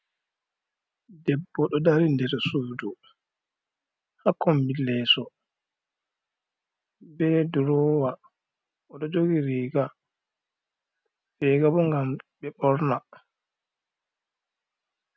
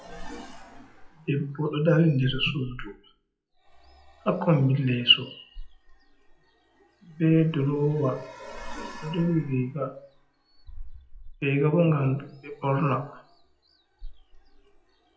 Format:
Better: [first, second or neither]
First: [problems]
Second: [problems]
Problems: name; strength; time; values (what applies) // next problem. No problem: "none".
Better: first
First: none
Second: noise reduction (classical method WPE with log-MMSE)